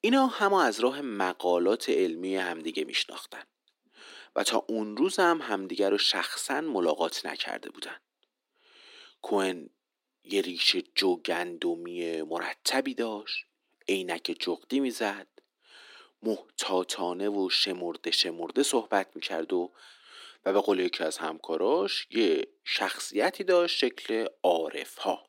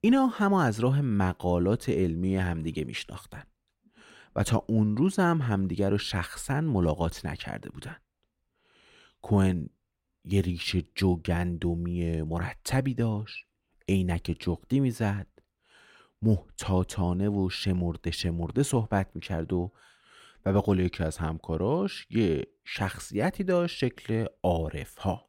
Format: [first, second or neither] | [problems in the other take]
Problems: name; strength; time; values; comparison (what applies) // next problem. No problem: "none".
second | thin; somewhat; fading below 300 Hz